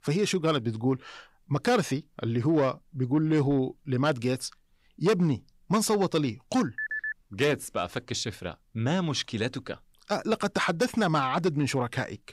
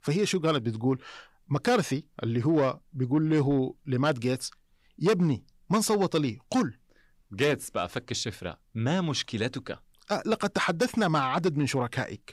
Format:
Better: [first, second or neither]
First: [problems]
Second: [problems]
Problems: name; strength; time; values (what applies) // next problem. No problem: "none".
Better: second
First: phone ringing; noticeable; at 7 s; peak 3 dB below the speech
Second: none